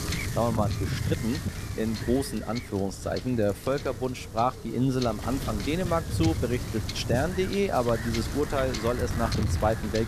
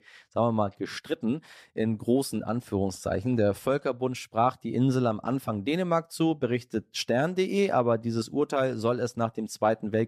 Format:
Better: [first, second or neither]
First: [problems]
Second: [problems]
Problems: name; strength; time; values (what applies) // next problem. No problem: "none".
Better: second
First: wind noise on the microphone; heavy; 8 dB below the speech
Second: none